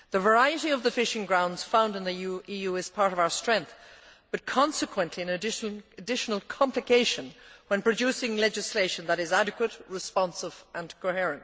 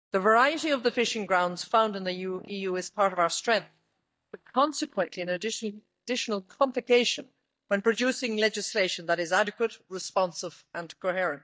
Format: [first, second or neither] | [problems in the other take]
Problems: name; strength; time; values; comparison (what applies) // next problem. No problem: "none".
first | noise reduction (neural mask model DeepFilterNet 3)